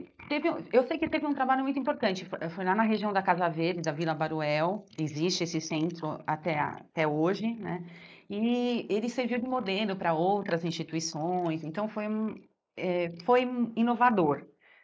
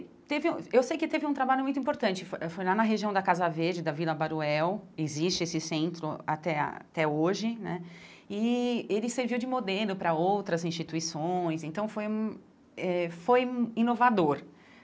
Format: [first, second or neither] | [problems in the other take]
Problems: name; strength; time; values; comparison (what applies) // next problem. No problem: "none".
second | noise reduction (neural mask model Resemble Enhance denoiser)